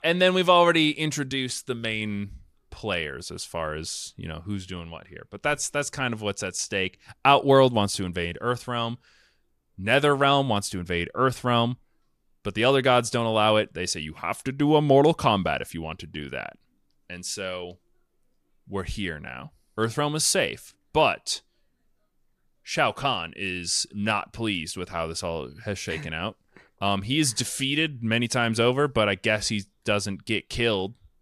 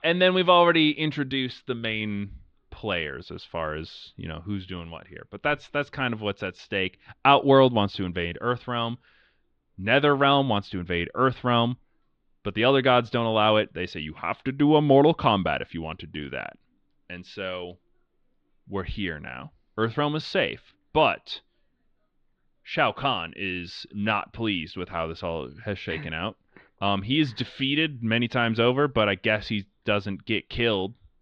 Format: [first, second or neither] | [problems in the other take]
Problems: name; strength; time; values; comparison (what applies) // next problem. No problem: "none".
first | muffled; slightly; fading above 3.5 kHz